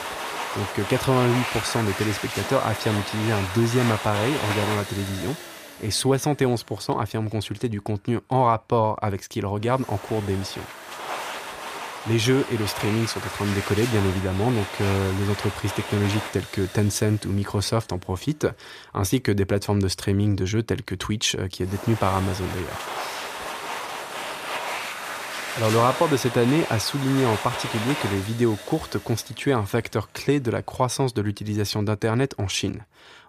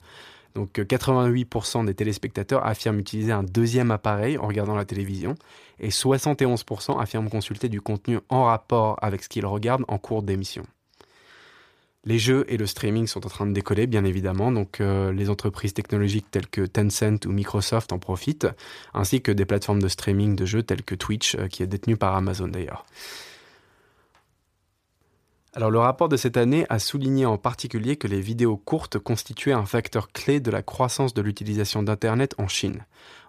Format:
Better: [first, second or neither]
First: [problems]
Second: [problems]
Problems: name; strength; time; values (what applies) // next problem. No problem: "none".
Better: second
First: household noises; loud; throughout; 7 dB below the speech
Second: none